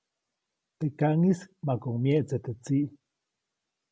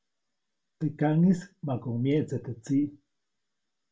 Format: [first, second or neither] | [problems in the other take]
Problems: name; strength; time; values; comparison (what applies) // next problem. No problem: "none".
first | room echo; dies away in 0.2 s